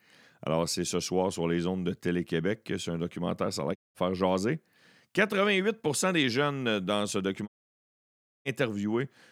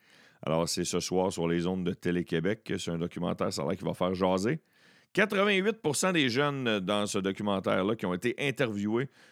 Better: second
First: audio cutting out; at 4 s and at 7.5 s for 1 s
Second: none

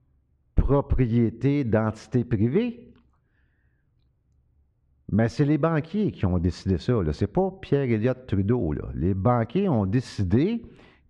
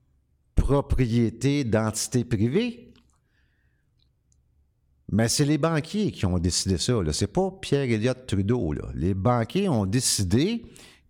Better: second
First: muffled; very; fading above 2 kHz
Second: none

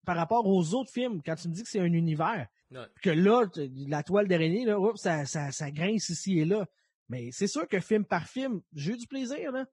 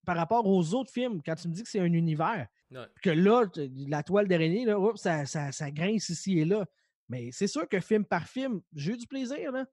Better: second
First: garbled, watery; badly; nothing above 10.5 kHz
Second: none

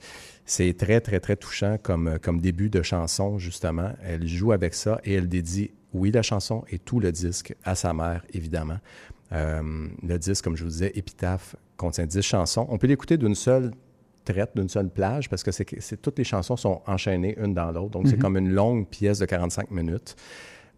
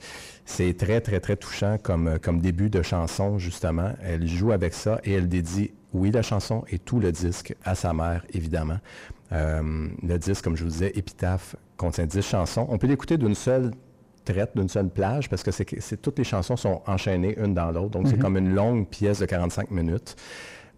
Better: first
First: none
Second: distortion; slight; 10 dB below the speech

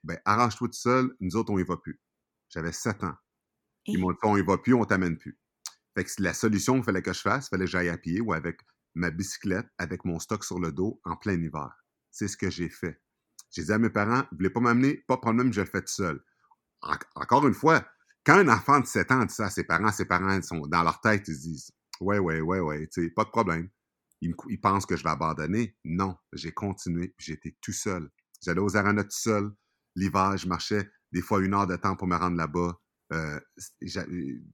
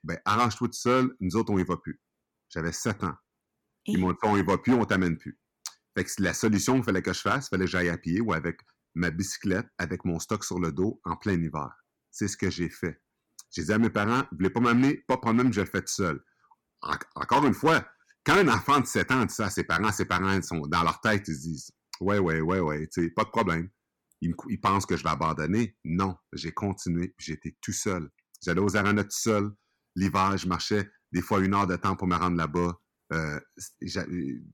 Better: first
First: none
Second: distortion; slight; 2% of the sound clipped

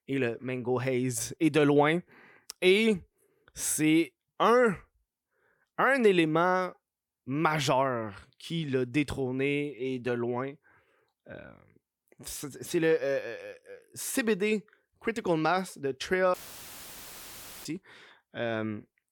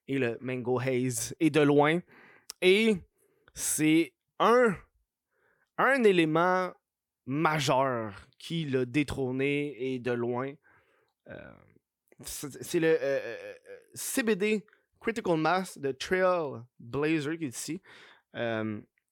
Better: second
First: audio cutting out; filled with static; at 16 s for 1.5 s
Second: none

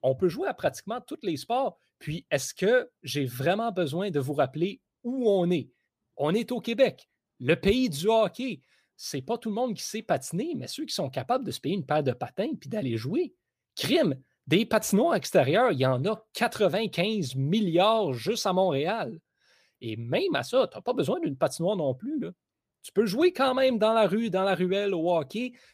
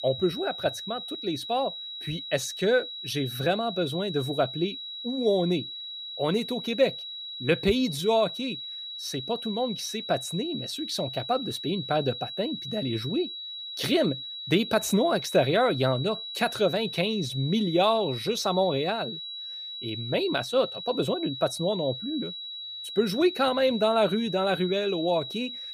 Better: first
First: none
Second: high-pitched whine; loud; throughout; 4 kHz, 8 dB below the speech

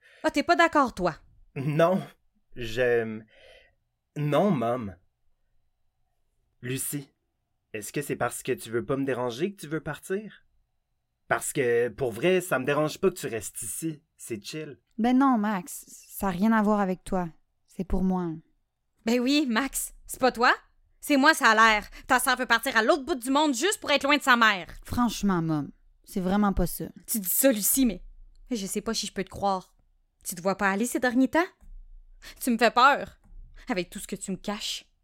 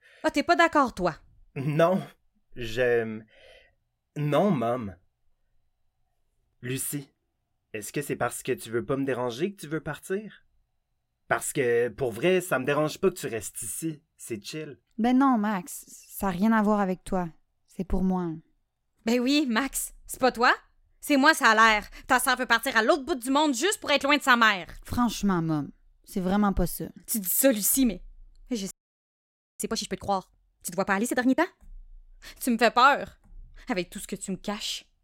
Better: first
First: none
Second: audio freezing; at 29 s for 1 s

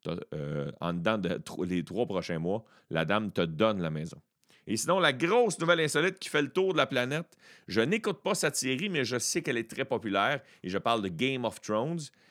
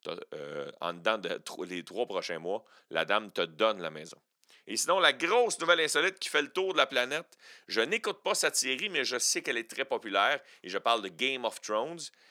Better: first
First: none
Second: thin; somewhat; fading below 450 Hz

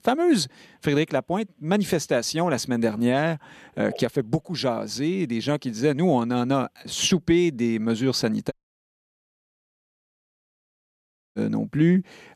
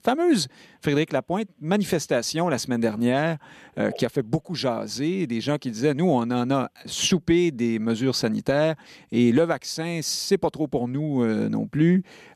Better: second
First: audio cutting out; at 8.5 s for 3 s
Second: none

